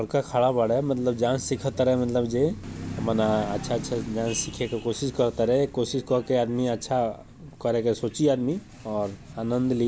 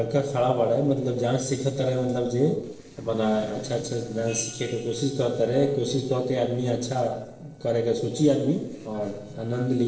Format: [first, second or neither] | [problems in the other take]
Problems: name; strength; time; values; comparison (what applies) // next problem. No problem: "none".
first | noise reduction (neural separator model SepFormer DNS4)